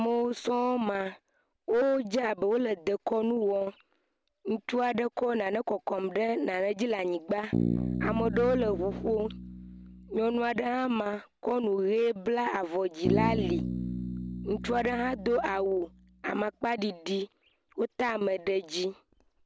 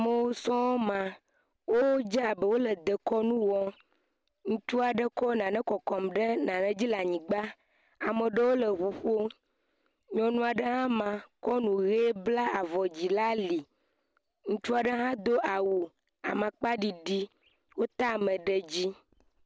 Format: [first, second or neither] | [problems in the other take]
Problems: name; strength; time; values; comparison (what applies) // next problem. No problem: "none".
second | background sound (Bass guitar); 4 dB below the speech